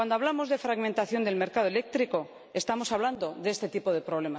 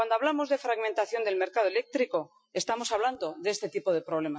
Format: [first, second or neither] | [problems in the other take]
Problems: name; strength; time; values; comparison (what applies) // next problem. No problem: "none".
first | noise reduction (classical method Wiener filter)